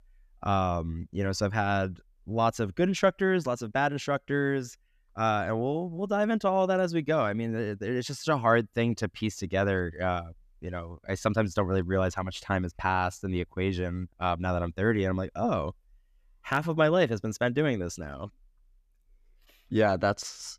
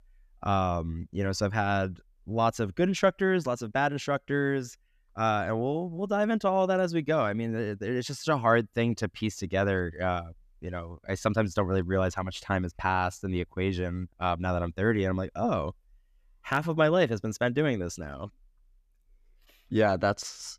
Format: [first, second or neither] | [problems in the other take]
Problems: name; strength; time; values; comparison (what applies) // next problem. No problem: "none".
neither | none